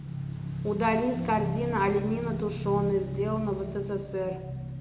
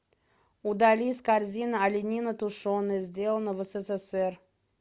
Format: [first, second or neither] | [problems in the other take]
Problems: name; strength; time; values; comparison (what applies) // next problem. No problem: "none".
second | background sound (Motorcycle / Engine); 5 dB below the speech // room echo; dies away in 0.6 s